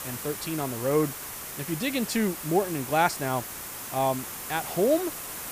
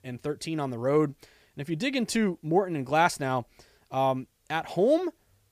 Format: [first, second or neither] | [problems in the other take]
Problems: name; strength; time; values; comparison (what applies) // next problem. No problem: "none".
second | hiss; loud; throughout; 7 dB below the speech